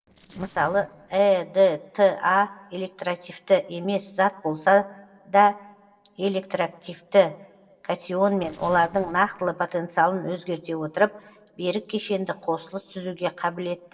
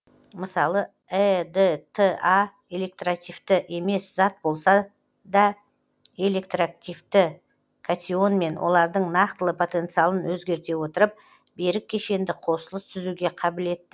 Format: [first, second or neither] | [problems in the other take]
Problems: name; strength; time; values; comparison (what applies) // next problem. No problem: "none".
second | noise reduction (neural separator model SepFormer DNS4)